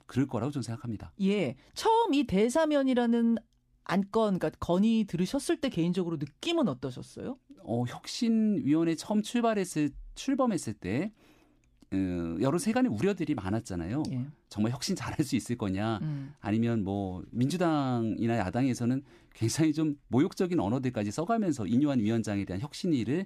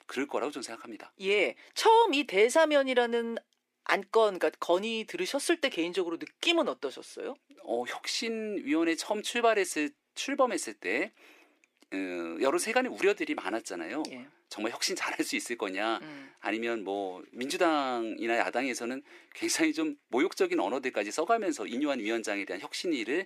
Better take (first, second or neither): first